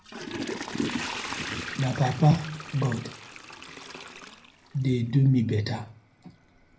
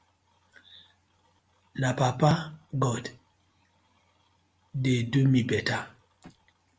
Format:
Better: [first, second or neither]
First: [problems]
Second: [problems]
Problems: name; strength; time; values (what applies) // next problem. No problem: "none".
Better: second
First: background sound (Toilet flush / Water); 9 dB below the speech // room echo; dies away in 0.4 s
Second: none